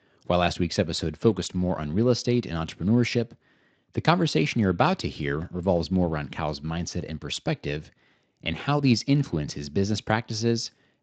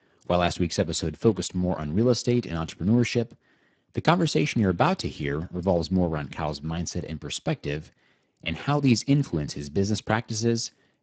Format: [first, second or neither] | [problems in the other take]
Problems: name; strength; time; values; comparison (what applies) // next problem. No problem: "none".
first | garbled, watery; badly; nothing above 8 kHz; slightly in the first